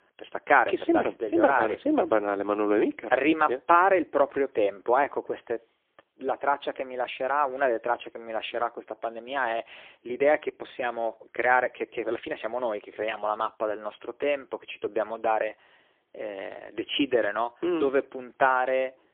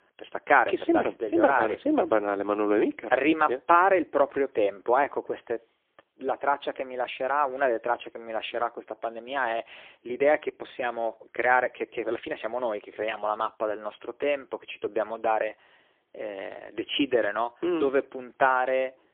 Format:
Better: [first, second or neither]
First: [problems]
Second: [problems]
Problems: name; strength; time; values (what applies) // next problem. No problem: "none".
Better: neither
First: phone-call audio; poor line; nothing above 3 kHz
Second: phone-call audio; poor line; nothing above 3 kHz